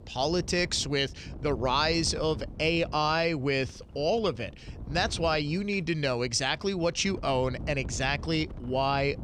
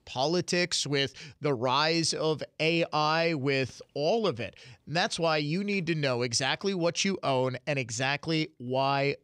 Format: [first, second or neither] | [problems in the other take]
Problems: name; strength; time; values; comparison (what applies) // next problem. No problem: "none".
second | wind noise on the microphone; occasional gusts; 25 dB below the speech